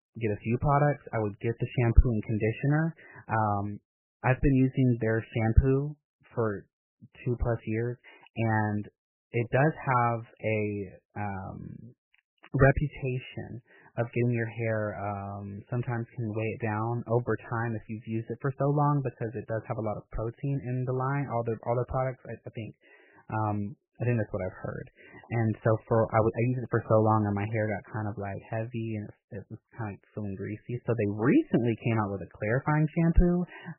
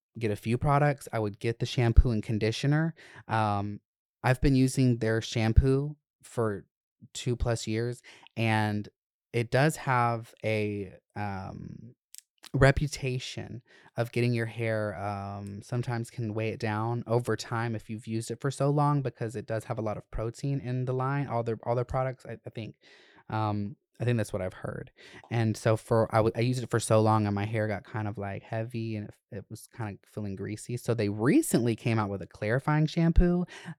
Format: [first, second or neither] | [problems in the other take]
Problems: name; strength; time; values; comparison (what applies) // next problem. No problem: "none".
second | garbled, watery; badly; nothing above 3 kHz